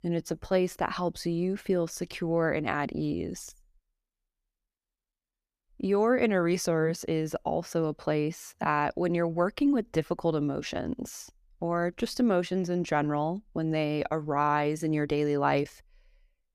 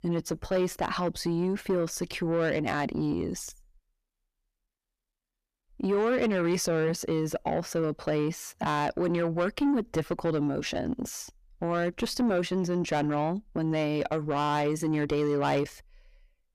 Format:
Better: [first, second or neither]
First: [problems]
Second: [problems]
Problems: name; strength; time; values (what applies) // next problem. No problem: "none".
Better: first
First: none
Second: distortion; slight; 10 dB below the speech